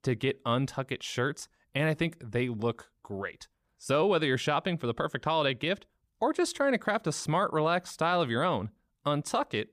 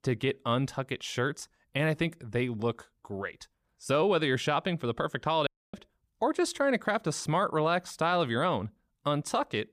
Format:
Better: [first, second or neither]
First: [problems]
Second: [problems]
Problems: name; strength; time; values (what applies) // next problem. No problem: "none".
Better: first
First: none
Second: audio cutting out; at 5.5 s